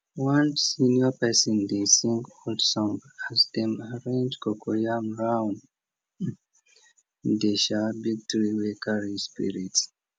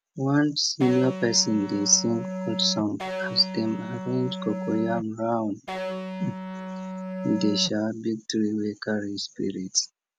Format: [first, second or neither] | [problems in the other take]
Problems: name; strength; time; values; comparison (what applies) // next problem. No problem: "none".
first | background sound (Electric guitar); 6 dB below the speech